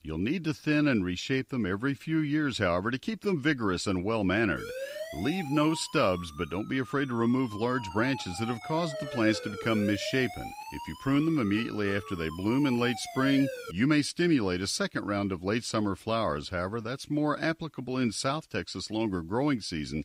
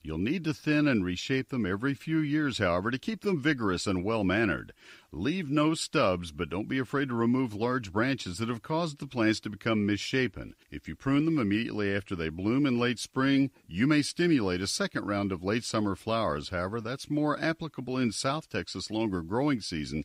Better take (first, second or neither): second